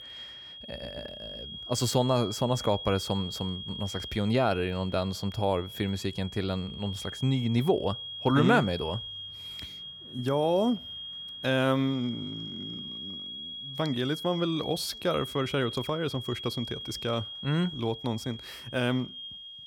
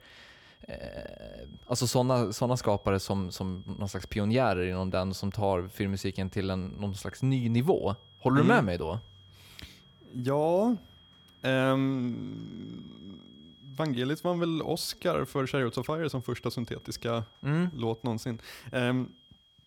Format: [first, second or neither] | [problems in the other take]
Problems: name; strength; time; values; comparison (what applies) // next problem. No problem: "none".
second | high-pitched whine; loud; throughout; 3.5 kHz, 9 dB below the speech; faint in the second